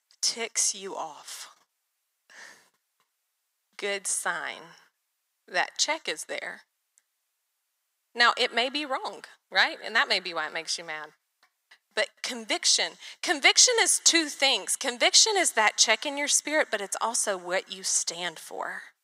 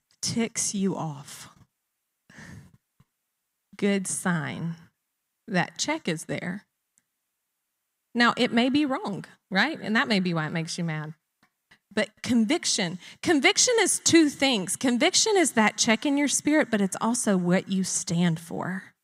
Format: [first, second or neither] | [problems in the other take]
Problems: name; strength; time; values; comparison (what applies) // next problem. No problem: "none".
second | thin; very; fading below 500 Hz